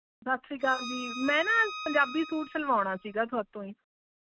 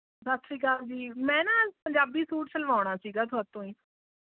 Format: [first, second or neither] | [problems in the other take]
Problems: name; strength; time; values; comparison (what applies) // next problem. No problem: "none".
second | background sound (Bowed string instrument); 11 dB below the speech